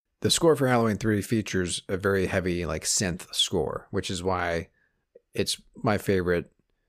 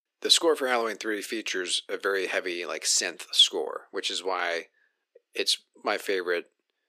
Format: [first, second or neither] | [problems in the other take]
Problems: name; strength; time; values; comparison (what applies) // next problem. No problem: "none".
first | thin; very; fading below 300 Hz